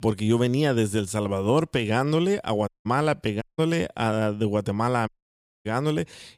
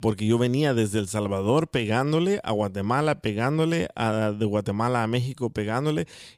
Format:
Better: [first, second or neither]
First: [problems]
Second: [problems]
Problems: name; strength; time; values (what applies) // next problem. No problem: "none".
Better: second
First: audio cutting out; at 2.5 s, at 3.5 s and at 5 s for 0.5 s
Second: none